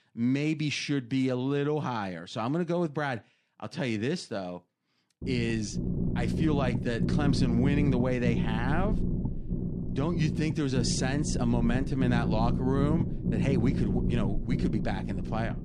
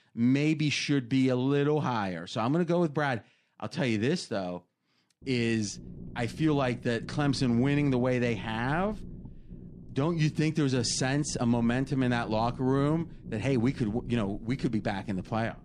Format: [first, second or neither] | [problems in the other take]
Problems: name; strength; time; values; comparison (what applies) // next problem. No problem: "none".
second | low rumble; loud; from 5 s on; 6 dB below the speech; faint in the second